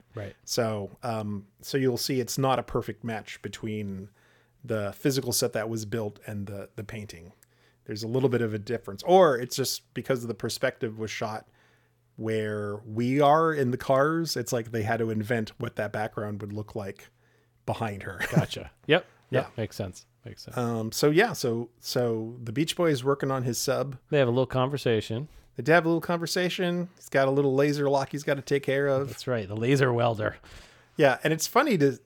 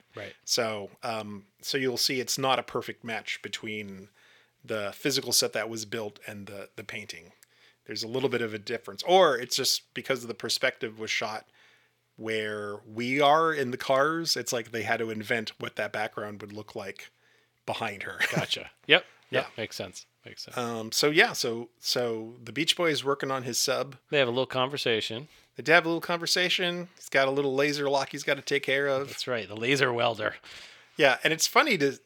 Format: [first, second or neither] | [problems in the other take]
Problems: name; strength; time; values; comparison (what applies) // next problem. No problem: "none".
first | thin; very slightly; fading below 650 Hz